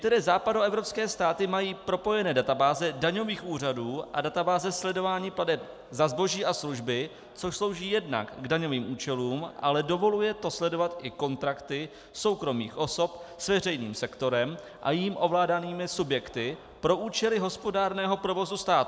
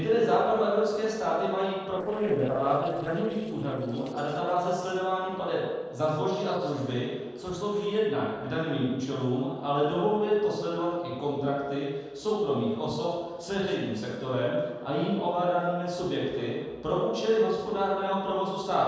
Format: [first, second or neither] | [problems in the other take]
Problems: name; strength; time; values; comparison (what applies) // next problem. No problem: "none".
first | noise reduction (neural separator model SepFormer DNS4)